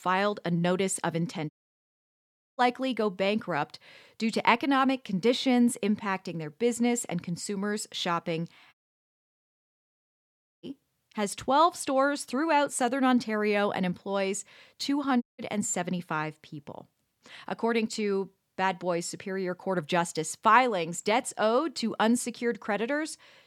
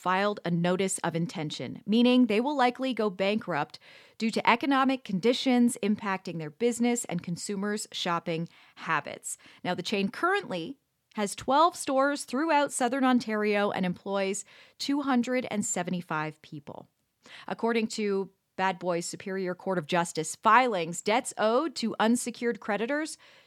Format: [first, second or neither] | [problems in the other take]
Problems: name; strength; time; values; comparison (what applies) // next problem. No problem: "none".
second | audio cutting out; at 1.5 s for 1 s, at 8.5 s for 2 s and at 15 s